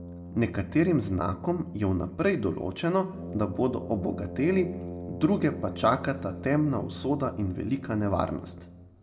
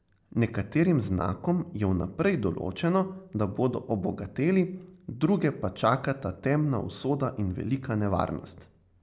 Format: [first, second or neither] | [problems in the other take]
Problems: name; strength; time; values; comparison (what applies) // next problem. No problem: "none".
second | background sound (Brass instrument); 12 dB below the speech // room echo; dies away in 0.8 s